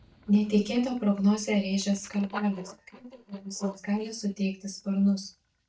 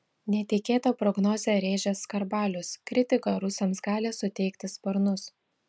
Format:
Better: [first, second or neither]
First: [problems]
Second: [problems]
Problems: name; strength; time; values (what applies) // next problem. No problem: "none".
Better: second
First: noise reduction (neural mask model DeepFilterNet 3)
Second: none